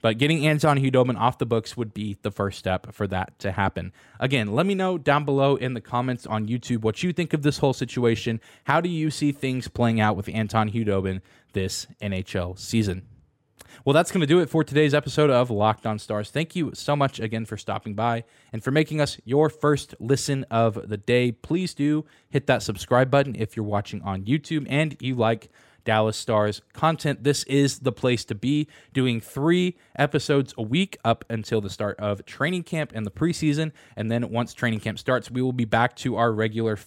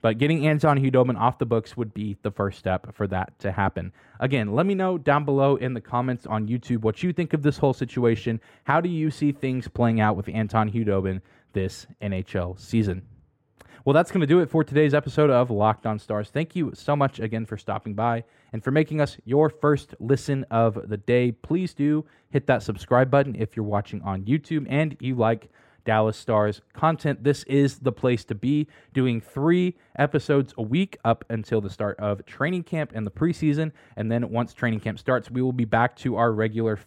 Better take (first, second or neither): first